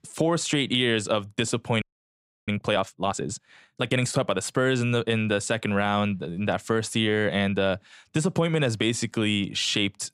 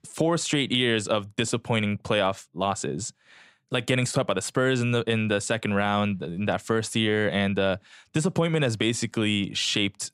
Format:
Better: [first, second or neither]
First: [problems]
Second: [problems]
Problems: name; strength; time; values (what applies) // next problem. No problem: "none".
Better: second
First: audio freezing; at 2 s for 0.5 s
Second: none